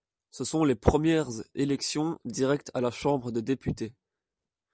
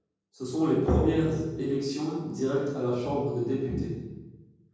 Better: first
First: none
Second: room echo; dies away in 1.3 s

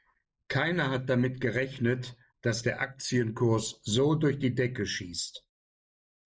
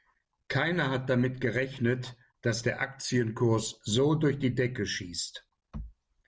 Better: second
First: noise reduction (neural mask model Resemble Enhance denoiser)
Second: none

